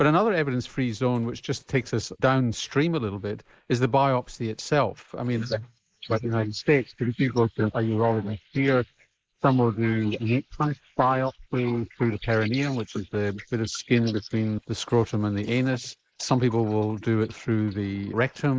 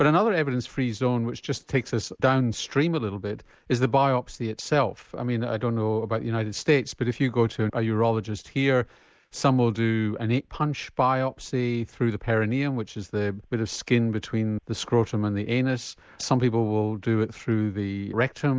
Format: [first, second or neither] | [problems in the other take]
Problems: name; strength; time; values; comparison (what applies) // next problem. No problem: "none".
second | noise reduction (neural mask model Resemble Enhance denoiser)